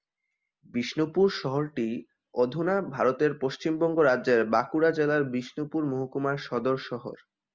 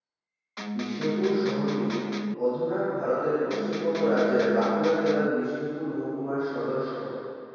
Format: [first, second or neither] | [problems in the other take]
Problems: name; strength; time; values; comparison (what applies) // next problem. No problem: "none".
first | background sound (Electric guitar); 3 dB below the speech // room echo; dies away in 2.2 s